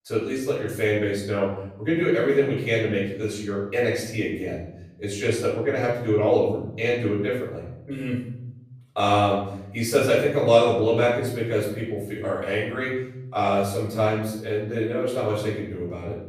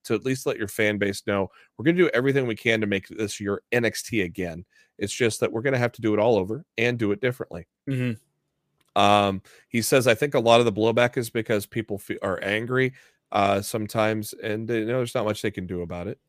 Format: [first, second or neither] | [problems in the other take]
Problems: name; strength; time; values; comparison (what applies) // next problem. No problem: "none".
second | off-mic speech; far // room echo; noticeable; dies away in 0.9 s